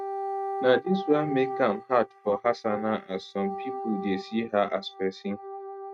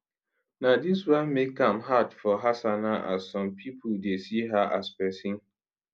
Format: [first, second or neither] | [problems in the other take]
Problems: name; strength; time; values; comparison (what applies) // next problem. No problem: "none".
second | noise reduction (neural mask model RNNoise)